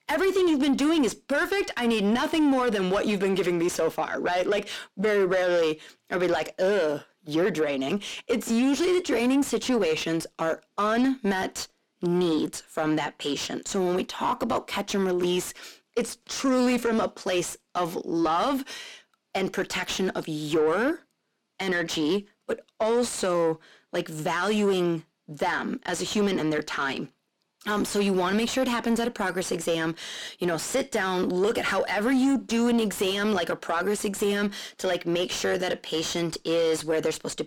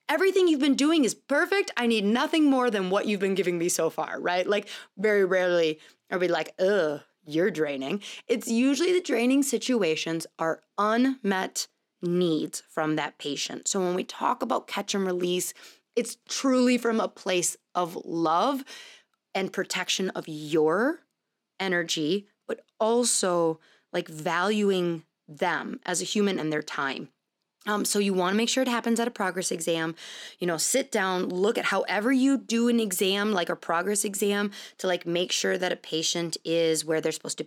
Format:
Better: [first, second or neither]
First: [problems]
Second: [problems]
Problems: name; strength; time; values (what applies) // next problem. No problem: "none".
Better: second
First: distortion; slight; 10 dB below the speech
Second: none